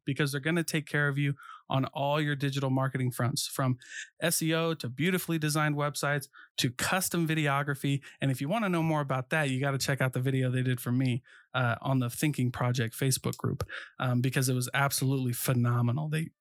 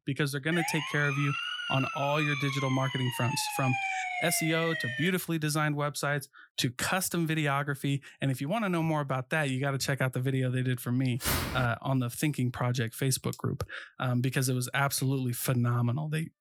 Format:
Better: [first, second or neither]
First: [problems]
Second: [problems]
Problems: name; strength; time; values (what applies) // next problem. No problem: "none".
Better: first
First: none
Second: siren; noticeable; from 0.5 to 5 s; peak 1 dB below the speech // footsteps; loud; at 11 s; peak level with the speech